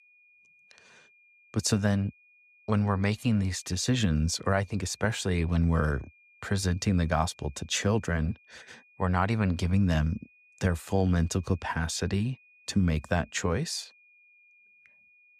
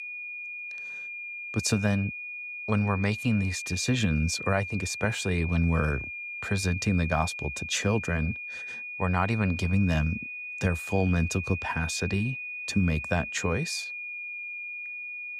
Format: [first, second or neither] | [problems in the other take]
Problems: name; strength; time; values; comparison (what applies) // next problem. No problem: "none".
first | high-pitched whine; loud; throughout; 2.5 kHz, 7 dB below the speech; faint in the first